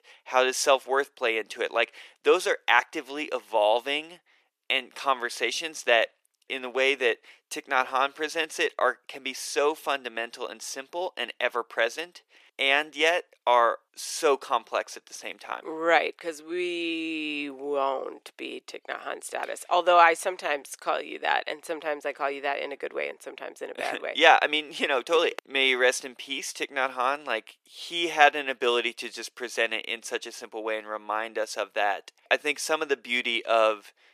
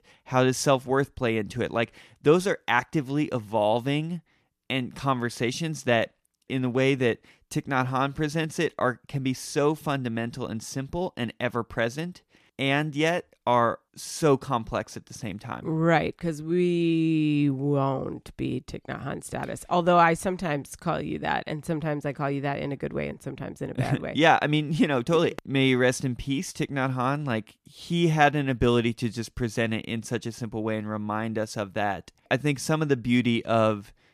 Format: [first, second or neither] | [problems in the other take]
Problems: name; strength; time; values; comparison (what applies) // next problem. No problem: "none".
second | thin; very; fading below 400 Hz